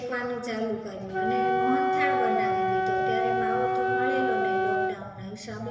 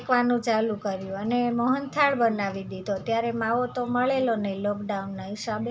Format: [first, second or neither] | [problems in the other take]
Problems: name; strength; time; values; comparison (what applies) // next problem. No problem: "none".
second | background sound (Wind instrument, woodwind instrument); 5 dB above the speech // room echo; dies away in 1.3 s